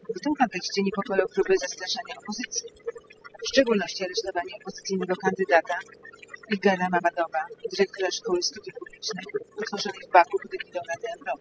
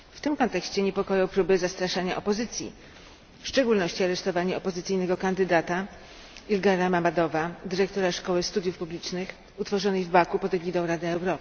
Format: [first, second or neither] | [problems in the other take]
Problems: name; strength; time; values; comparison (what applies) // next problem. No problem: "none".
second | noise reduction (classical method spectral subtraction)